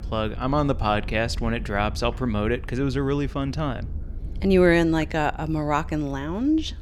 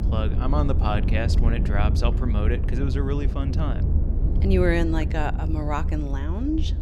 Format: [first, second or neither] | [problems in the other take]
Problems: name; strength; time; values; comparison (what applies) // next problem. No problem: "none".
first | low rumble; loud; throughout; 8 dB below the speech; faint in the first